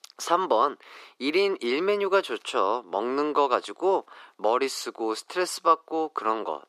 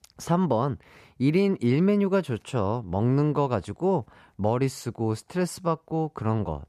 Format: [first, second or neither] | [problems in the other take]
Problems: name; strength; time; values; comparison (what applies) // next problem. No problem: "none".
second | thin; very; fading below 350 Hz